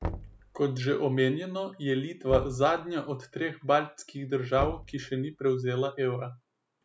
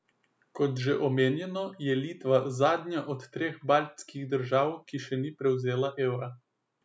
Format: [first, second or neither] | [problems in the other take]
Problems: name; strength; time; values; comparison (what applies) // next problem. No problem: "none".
second | background sound (Knock); 13 dB below the speech